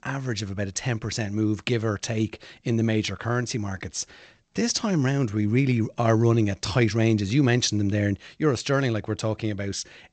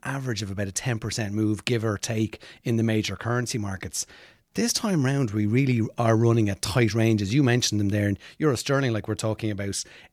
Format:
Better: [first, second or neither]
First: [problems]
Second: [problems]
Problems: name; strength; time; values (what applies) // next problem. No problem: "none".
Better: second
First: garbled, watery; slightly; nothing above 7.5 kHz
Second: none